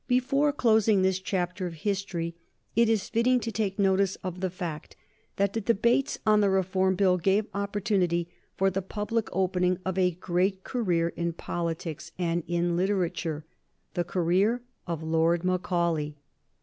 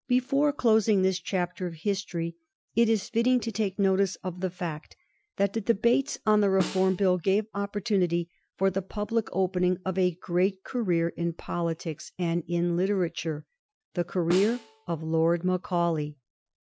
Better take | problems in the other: first | noise reduction (classical method Wiener filter)

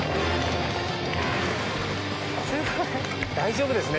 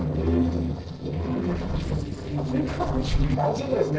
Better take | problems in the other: first | noise reduction (neural separator model SepFormer DNS4)

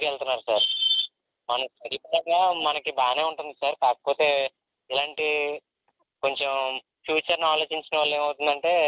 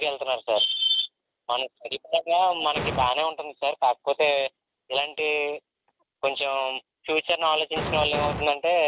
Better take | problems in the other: first | background sound (Explosion); 4 dB below the speech

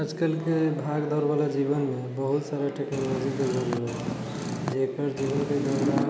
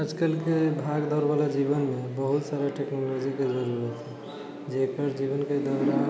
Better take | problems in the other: second | background sound (Purr); 5 dB below the speech

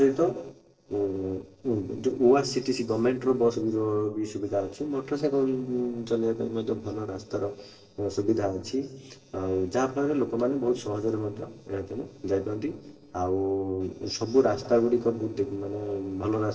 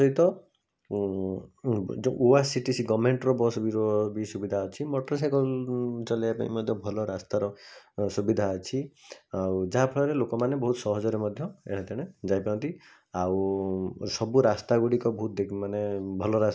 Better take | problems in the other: second | noise reduction (neural separator model SepFormer DNS4)

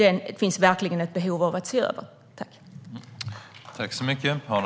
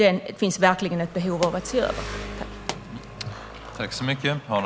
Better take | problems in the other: first | background sound (Engine + Explosion); 12 dB below the speech

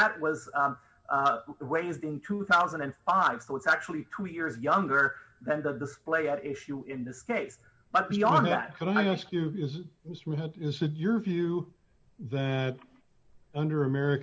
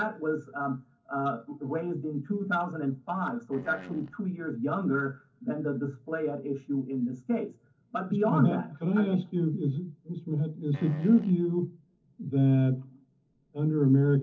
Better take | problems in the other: first | noise reduction (neural separator model SepFormer DNS4)

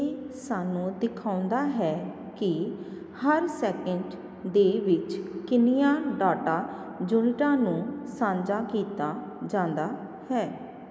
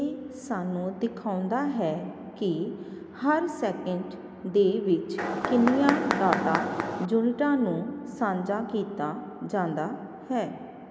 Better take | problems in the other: first | background sound (Mechanisms); 1 dB below the speech

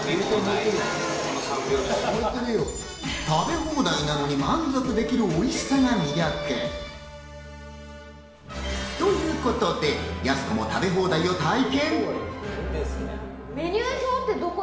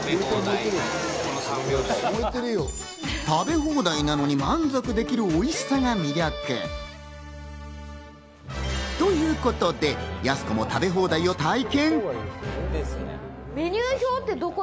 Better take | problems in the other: second | room echo; dies away in 1 s

